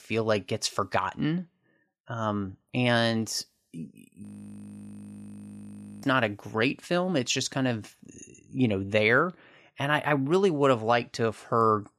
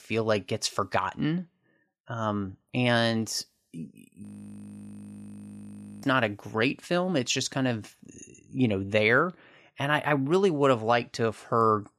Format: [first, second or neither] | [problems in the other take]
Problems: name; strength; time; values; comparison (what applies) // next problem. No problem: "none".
neither | audio freezing; at 4 s for 2 s; the same in both